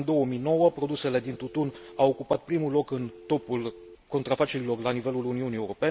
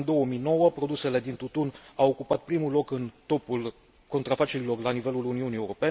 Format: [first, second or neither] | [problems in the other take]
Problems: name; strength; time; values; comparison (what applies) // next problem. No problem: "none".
second | background sound (Telephone); 20 dB below the speech